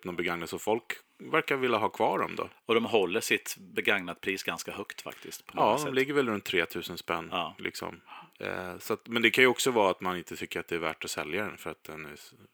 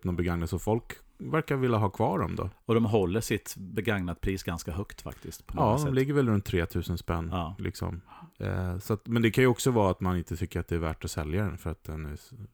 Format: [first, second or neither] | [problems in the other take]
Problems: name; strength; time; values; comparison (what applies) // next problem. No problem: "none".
second | thin; somewhat; fading below 350 Hz